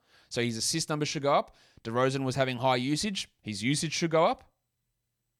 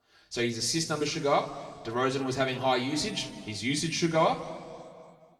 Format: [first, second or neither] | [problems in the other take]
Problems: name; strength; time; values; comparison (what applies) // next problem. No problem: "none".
first | room echo; slight; dies away in 1.9 s // off-mic speech; somewhat distant